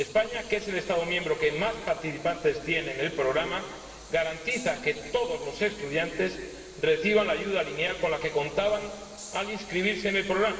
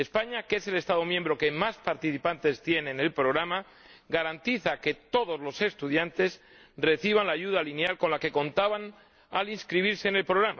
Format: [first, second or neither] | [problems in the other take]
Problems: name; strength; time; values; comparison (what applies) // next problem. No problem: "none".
second | background sound (Train); 19 dB below the speech // room echo; dies away in 1.9 s